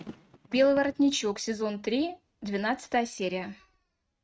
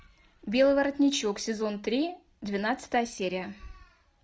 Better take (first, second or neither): second